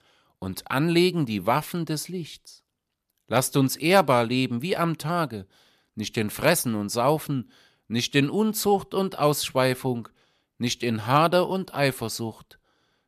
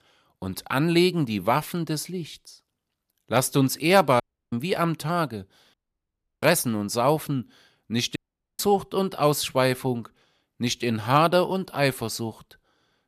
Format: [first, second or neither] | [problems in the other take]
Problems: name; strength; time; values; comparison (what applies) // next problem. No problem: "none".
first | audio cutting out; at 4 s, at 5.5 s for 0.5 s and at 8 s